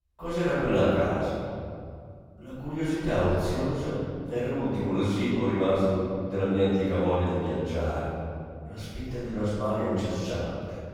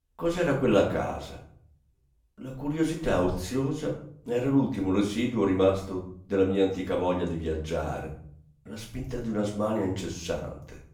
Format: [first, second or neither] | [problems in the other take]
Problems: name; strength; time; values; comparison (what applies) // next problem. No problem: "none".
second | room echo; strong; dies away in 2.6 s; slight in the second // off-mic speech; far; far in the second